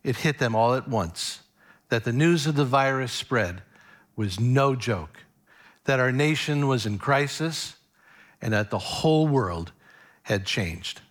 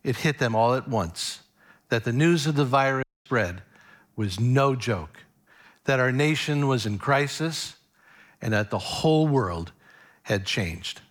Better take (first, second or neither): first